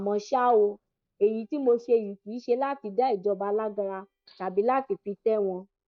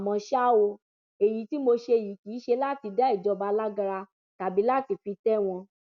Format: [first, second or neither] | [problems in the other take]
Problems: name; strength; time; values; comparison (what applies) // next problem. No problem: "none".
second | noise reduction (neural mask model DeepFilterNet 3)